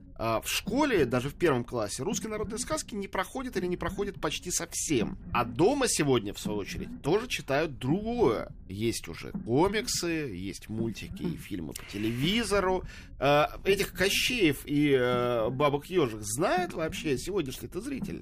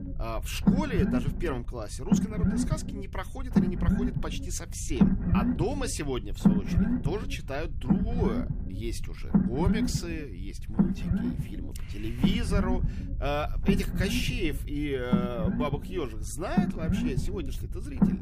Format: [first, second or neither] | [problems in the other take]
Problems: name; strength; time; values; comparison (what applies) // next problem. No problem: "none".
first | low rumble; loud; throughout; as loud as the speech; faint in the first